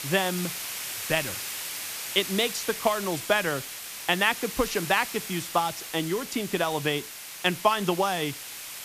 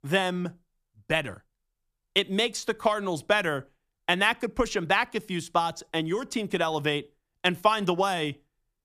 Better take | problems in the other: second | hiss; loud; throughout; 7 dB below the speech

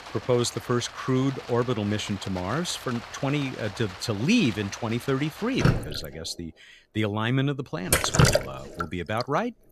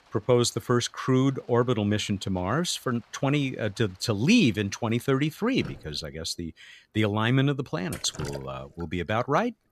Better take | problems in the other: second | rain or running water; loud; throughout; 2 dB below the speech; faint in the second

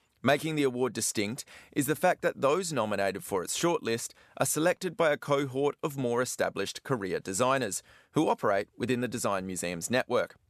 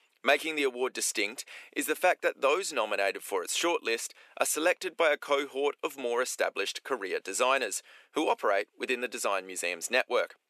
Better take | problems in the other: first | thin; somewhat; fading below 350 Hz

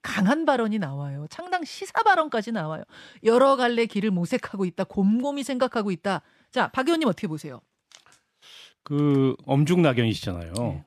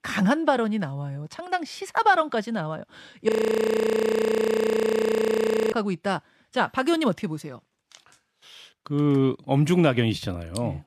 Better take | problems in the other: first | audio freezing; at 3.5 s for 2.5 s

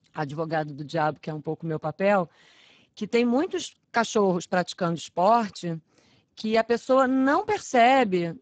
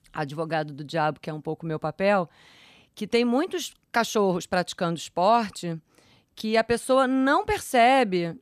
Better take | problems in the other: second | garbled, watery; badly; nothing above 7.5 kHz

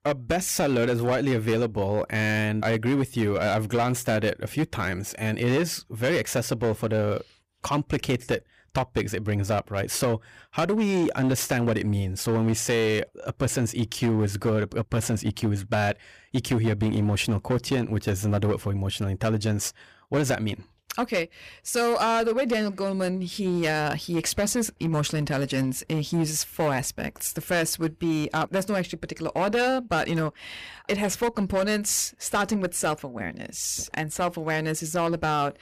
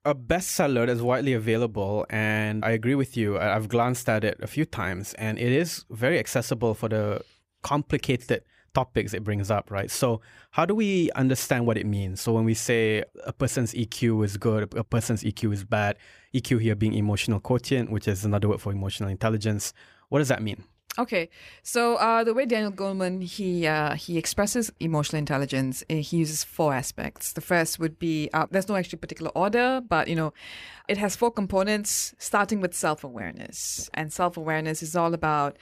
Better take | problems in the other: second | distortion; slight; 9% of the sound clipped

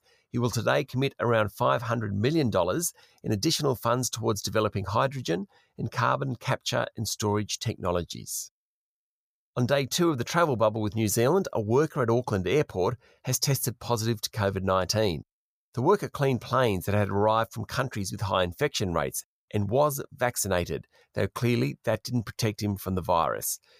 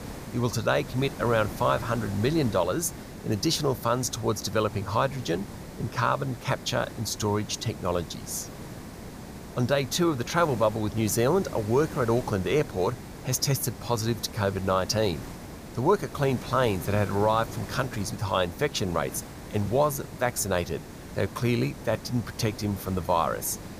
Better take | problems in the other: first | hiss; noticeable; throughout; 15 dB below the speech

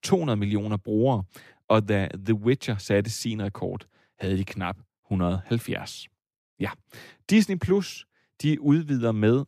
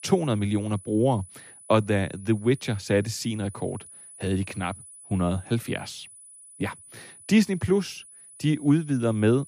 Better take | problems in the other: first | high-pitched whine; noticeable; throughout; 10 kHz, 20 dB below the speech

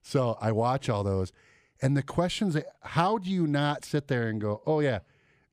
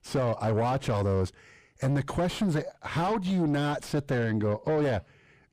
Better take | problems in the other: first | distortion; heavy; 7 dB below the speech

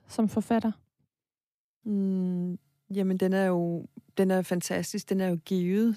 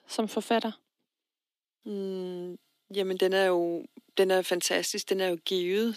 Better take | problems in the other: first | thin; somewhat; fading below 300 Hz

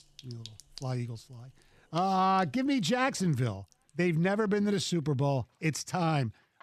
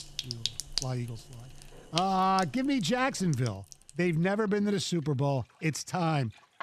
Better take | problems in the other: first | household noises; loud; throughout; 7 dB below the speech; faint in the first

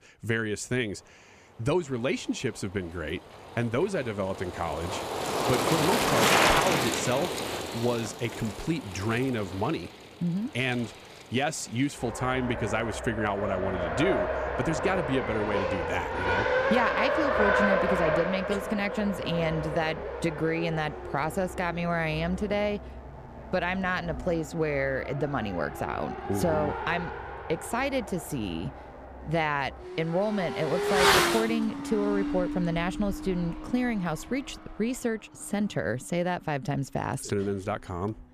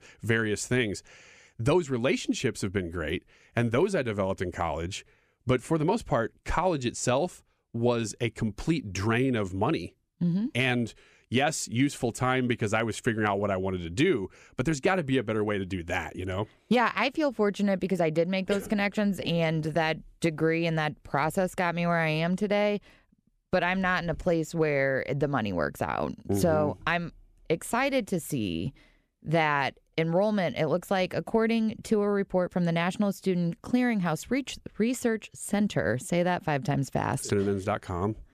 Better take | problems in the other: second | traffic noise; very loud; throughout; as loud as the speech

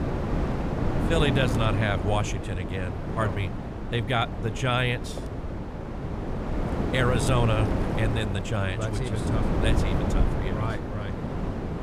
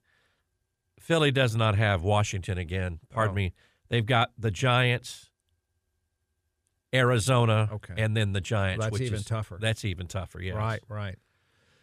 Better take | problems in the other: second | wind noise on the microphone; heavy; 4 dB below the speech

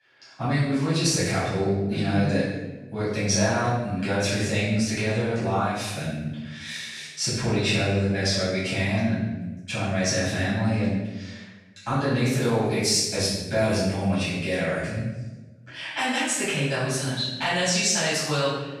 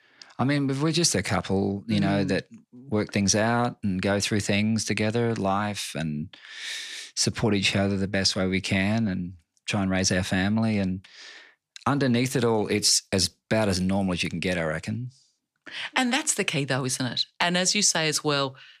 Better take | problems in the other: second | off-mic speech; far // room echo; strong; dies away in 1 s

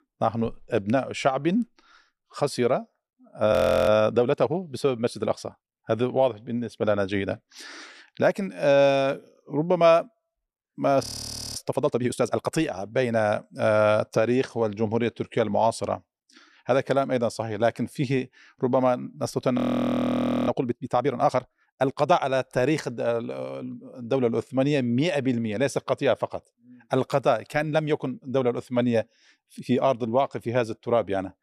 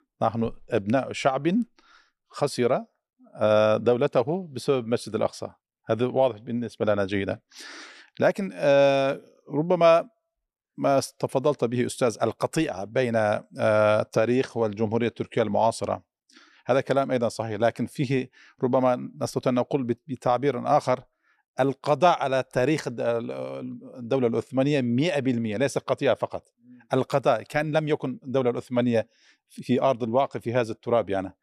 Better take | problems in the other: second | audio freezing; at 3.5 s, at 11 s for 0.5 s and at 20 s for 1 s

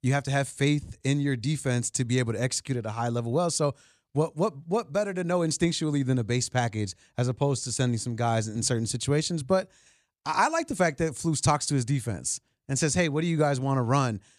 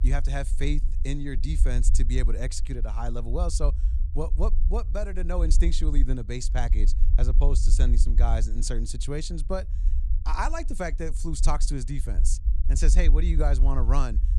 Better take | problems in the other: first | low rumble; noticeable; throughout; 15 dB below the speech

